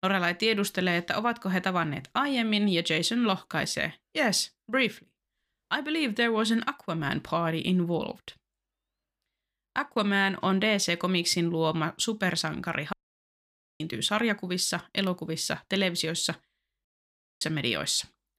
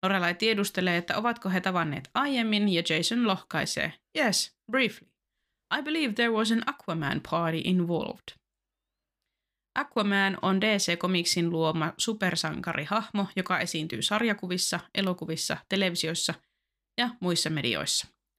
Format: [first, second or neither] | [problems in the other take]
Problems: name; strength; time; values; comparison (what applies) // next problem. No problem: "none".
second | audio cutting out; at 13 s for 1 s and at 17 s for 0.5 s